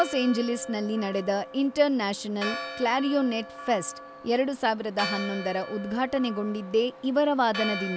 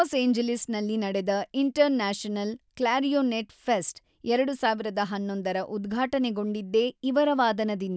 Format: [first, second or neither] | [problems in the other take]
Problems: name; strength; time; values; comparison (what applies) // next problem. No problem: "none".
second | background sound (Church bell); 11 dB below the speech